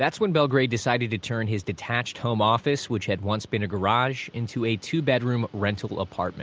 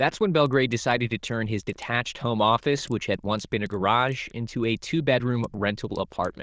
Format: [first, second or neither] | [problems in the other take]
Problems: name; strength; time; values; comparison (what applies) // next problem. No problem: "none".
first | noise reduction (neural diffusion model UNIVERSE++)